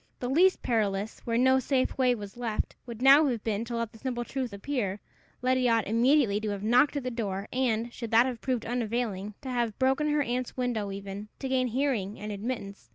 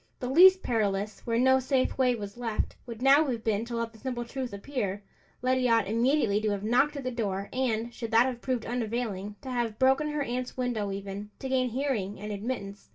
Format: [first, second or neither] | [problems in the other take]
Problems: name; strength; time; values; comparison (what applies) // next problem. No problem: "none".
first | room echo; dies away in 0.2 s